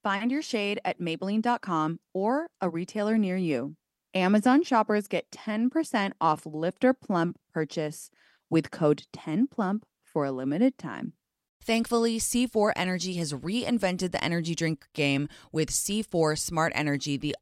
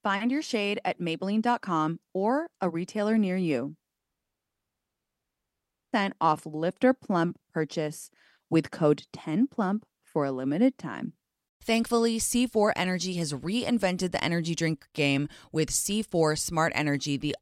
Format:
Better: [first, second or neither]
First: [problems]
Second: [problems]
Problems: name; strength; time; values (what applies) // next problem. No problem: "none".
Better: first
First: none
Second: audio cutting out; at 4 s for 2 s